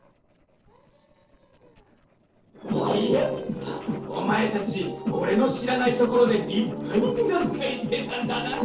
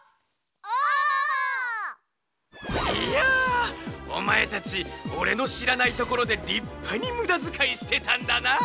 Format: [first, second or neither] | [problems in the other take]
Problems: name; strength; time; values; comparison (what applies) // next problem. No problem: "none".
second | noise reduction (neural separator model SepFormer DNS4)